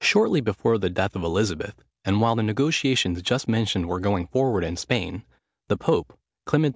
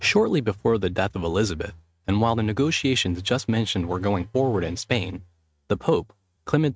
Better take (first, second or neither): first